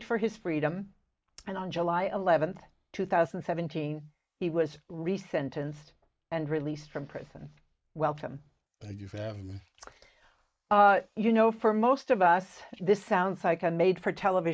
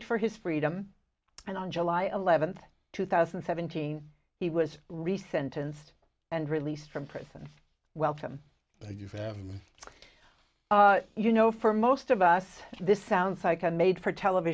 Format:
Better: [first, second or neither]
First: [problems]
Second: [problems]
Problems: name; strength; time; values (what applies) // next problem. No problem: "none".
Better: second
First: noise reduction (neural mask model Resemble Enhance denoiser)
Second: none